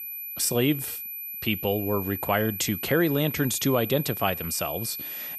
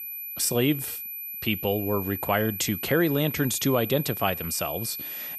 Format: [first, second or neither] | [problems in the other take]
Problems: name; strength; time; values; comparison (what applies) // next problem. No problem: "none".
neither | high-pitched whine; loud; throughout; 12 kHz, 6 dB below the speech; the same in both